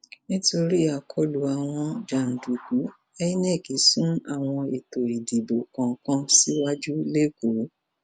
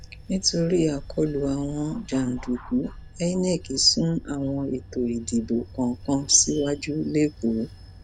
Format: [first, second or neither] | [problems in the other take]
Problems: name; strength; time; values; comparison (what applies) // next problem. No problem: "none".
first | background sound (Bell / Train); 16 dB below the speech